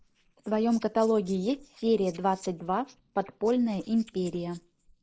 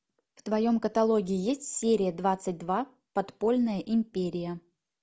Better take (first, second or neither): second